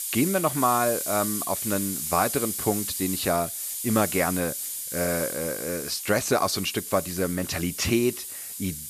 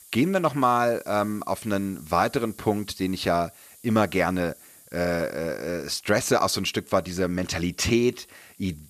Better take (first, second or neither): second